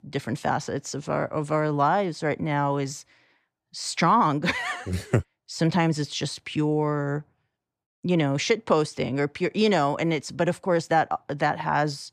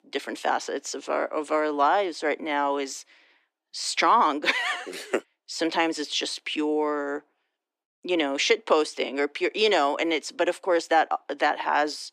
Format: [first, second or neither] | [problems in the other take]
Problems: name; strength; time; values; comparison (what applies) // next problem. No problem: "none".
first | thin; somewhat; fading below 300 Hz